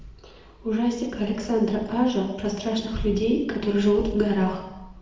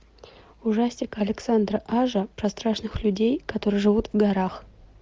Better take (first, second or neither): second